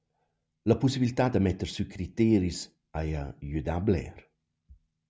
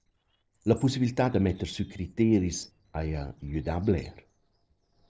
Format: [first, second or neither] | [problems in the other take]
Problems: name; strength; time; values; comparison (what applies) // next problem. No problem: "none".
first | noise reduction (neural separator model SepFormer DNS4)